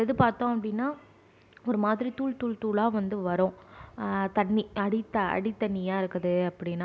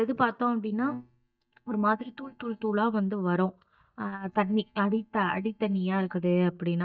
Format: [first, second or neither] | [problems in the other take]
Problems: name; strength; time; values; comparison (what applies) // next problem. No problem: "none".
first | noise reduction (neural mask model DeepFilterNet 3)